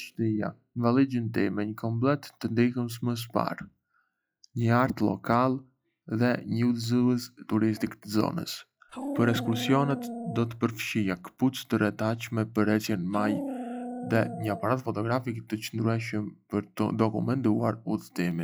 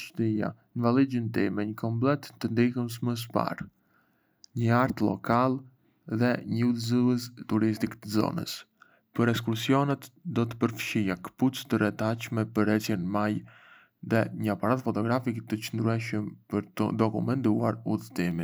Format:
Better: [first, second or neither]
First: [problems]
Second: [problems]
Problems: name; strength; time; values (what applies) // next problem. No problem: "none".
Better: second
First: noise reduction (classical method log-MMSE)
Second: none